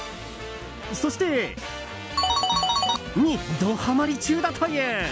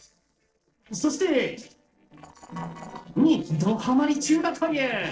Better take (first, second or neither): first